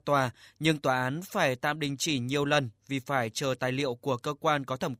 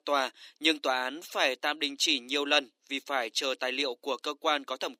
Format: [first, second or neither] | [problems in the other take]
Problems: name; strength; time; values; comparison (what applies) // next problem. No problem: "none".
first | thin; very slightly; fading below 300 Hz